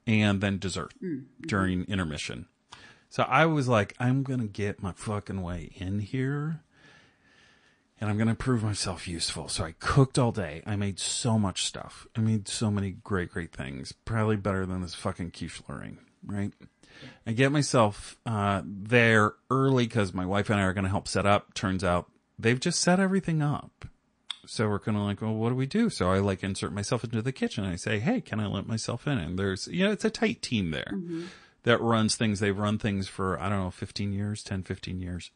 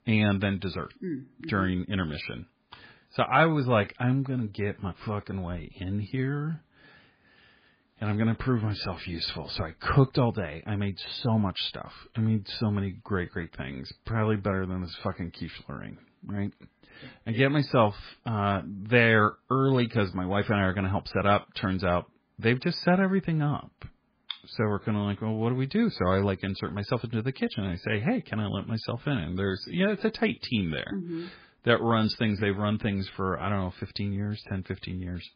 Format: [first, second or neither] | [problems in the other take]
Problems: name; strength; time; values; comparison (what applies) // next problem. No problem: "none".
first | garbled, watery; badly; nothing above 5 kHz; slightly in the first